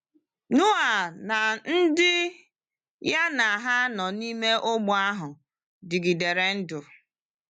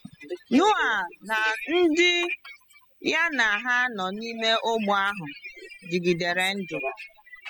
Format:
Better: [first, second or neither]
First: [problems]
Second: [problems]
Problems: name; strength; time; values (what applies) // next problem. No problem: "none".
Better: first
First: none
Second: noise reduction (classical method spectral subtraction)